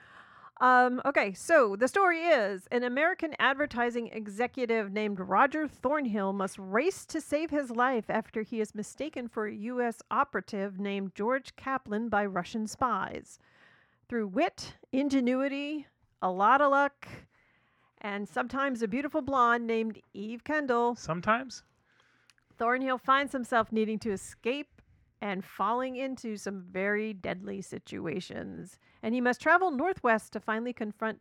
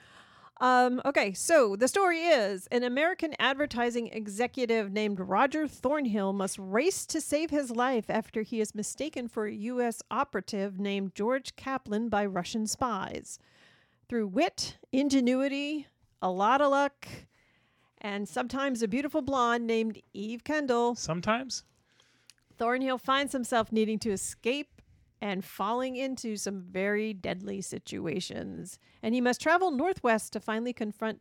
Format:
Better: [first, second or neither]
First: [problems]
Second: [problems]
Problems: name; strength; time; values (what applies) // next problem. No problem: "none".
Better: second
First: muffled; slightly; fading above 3 kHz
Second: none